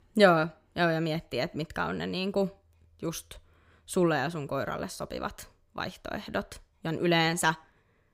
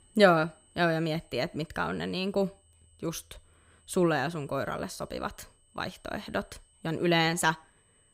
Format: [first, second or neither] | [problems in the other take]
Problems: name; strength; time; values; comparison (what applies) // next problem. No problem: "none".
first | high-pitched whine; faint; throughout; 8 kHz, 35 dB below the speech